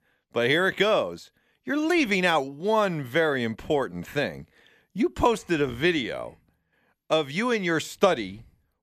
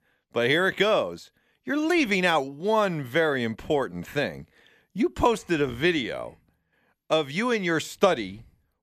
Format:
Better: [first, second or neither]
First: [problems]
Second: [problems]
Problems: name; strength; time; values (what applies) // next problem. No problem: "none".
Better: neither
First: none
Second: none